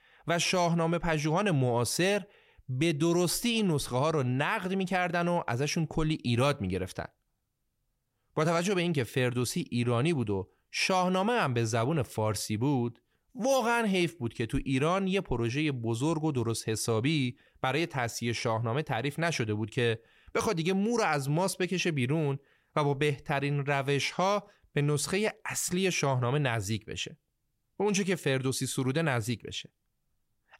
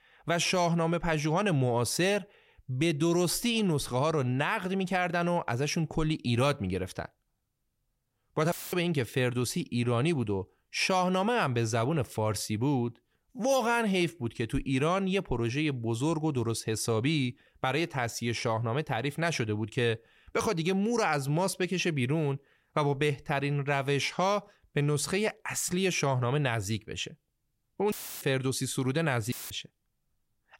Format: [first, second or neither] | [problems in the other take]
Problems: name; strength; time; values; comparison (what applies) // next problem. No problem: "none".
first | audio cutting out; filled with static; at 8.5 s, at 28 s and at 29 s